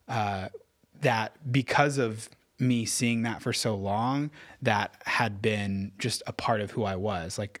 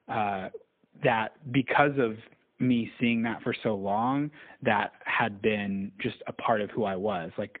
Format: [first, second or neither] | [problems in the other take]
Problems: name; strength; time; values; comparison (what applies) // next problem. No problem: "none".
first | phone-call audio; poor line